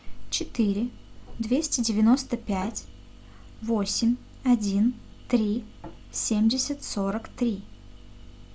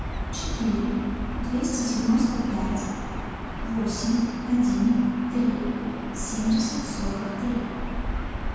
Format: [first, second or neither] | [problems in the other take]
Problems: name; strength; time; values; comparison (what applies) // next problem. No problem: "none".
first | background sound (Gull, seagull / Ocean); 5 dB below the speech // room echo; dies away in 2.1 s